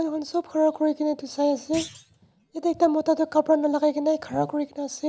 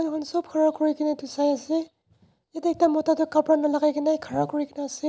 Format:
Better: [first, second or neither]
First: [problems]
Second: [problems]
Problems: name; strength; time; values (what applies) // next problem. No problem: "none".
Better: second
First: background sound (Thump, thud); 19 dB below the speech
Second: none